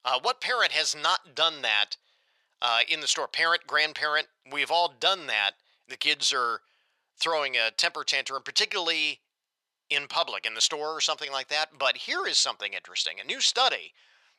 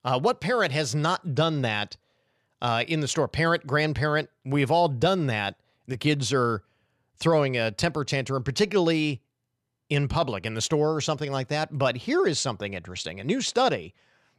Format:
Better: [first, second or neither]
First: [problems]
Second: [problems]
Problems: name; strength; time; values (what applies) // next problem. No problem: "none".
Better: second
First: thin; very; fading below 850 Hz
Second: none